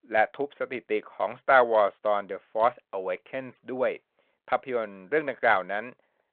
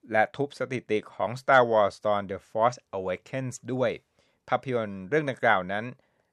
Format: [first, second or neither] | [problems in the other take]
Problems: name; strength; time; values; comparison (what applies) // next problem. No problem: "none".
second | phone-call audio